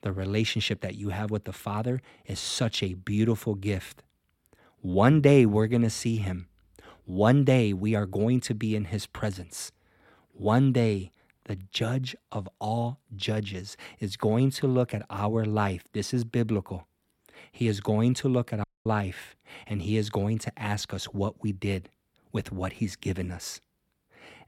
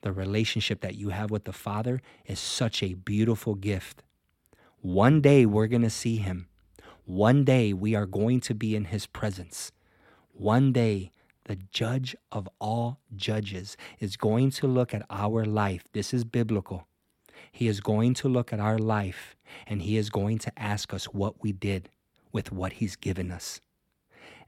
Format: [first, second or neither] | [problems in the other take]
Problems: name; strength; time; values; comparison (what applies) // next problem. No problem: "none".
second | audio cutting out; at 19 s